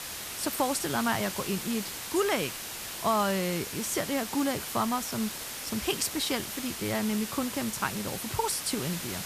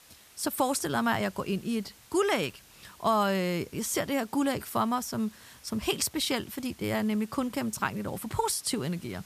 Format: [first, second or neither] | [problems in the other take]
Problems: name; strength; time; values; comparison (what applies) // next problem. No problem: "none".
second | hiss; loud; throughout; 5 dB below the speech; faint in the second